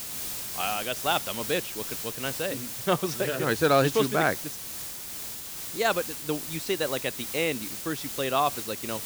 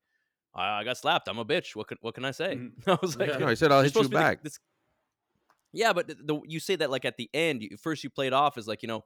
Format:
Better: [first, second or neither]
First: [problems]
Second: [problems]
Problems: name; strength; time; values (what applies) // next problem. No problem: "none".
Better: second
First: hiss; loud; throughout; 5 dB below the speech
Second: none